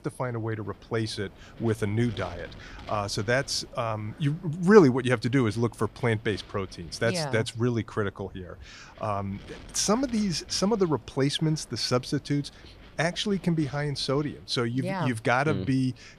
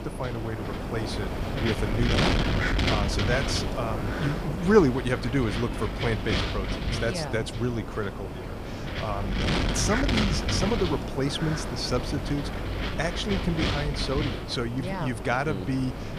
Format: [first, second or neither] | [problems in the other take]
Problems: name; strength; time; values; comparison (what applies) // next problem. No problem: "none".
first | wind noise on the microphone; heavy; 1 dB below the speech; occasional gusts in the first